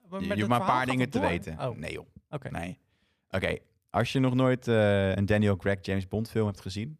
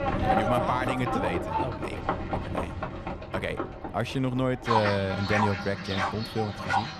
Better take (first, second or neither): first